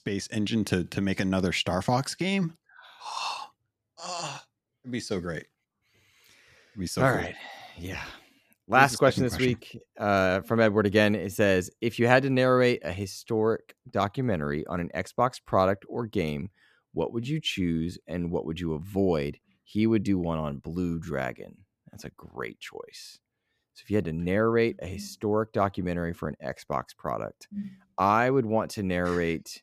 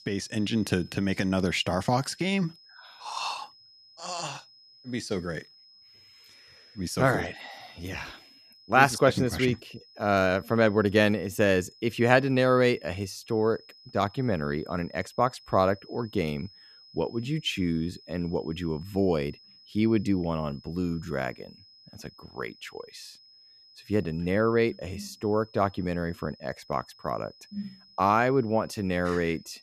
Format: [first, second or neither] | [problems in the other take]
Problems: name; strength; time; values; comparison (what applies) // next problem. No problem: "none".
first | high-pitched whine; faint; throughout; 5 kHz, 25 dB below the speech